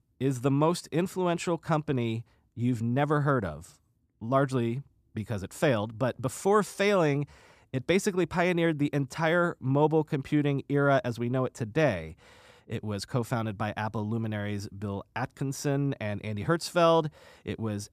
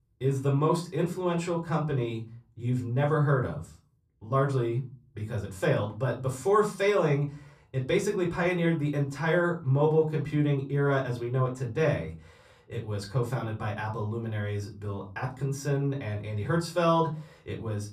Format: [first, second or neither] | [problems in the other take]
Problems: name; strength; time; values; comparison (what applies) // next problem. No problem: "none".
first | off-mic speech; far // room echo; very slight; dies away in 0.3 s